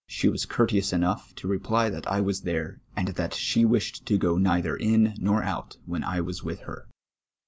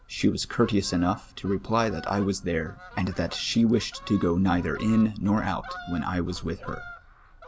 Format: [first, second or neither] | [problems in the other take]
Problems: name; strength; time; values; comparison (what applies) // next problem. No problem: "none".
first | background sound (Fowl); 18 dB below the speech